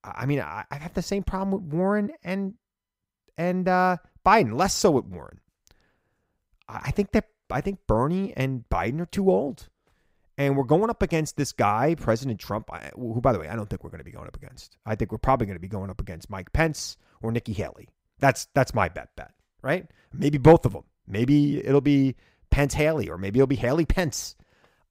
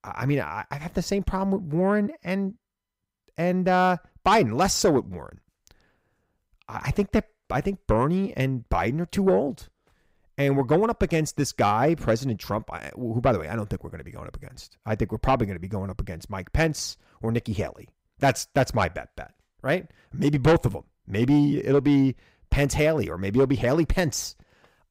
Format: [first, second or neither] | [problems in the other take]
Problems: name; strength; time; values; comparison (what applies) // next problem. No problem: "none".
first | distortion; slight; 10 dB below the speech